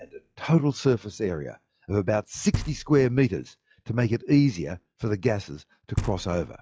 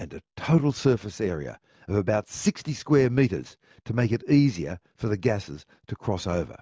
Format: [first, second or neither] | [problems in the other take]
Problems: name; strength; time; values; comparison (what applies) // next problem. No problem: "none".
second | noise reduction (classical method log-MMSE)